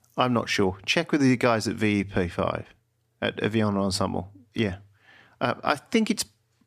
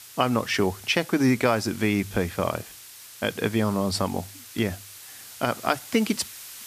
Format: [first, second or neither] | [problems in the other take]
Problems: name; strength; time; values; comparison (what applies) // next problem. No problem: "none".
first | hiss; noticeable; throughout; 15 dB below the speech